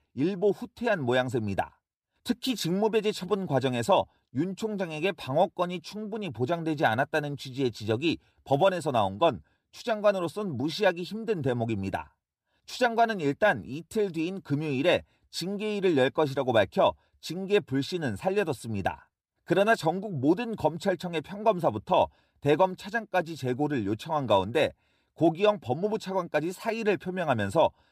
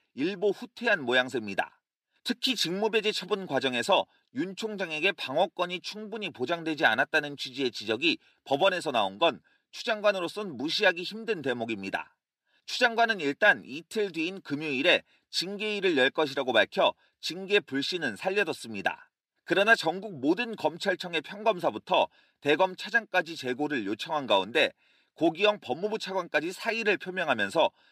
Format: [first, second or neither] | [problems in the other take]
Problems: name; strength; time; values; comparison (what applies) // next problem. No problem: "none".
first | thin; very slightly; fading below 250 Hz